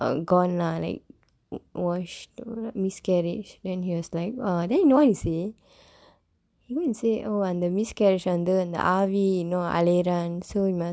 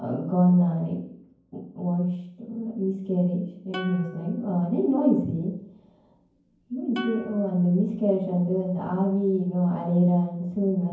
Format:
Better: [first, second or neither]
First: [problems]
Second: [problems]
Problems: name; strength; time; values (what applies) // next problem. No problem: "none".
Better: first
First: none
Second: background sound (Plucked string instrument); 18 dB below the speech // room echo; dies away in 0.9 s